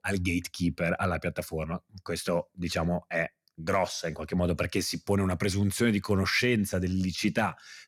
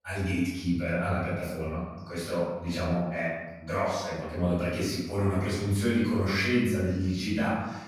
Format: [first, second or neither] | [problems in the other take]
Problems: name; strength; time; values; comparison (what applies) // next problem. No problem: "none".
first | off-mic speech; far // room echo; strong; dies away in 1 s